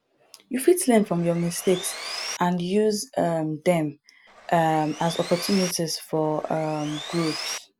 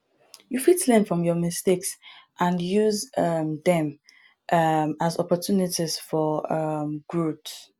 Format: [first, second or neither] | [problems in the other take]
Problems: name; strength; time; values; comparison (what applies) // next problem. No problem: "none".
second | background sound (Sawing); 11 dB below the speech